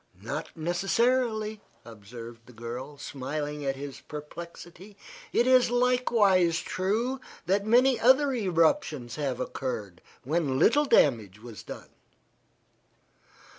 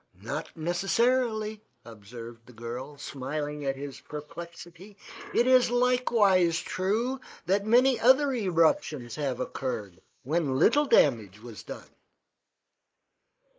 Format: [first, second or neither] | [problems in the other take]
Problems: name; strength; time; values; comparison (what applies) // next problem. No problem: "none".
first | noise reduction (neural mask model Resemble Enhance denoiser)